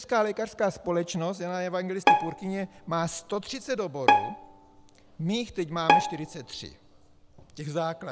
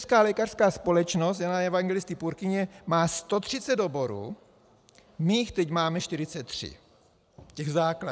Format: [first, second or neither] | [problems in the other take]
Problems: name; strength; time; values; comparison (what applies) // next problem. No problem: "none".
second | background sound (Bowed string instrument); 3 dB above the speech